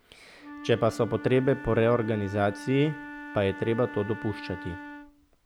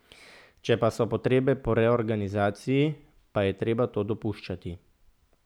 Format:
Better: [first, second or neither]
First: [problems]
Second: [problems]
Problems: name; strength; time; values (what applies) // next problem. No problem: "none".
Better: second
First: background sound (Wind instrument, woodwind instrument); 14 dB below the speech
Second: none